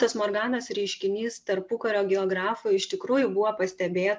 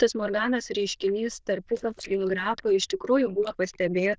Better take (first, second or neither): first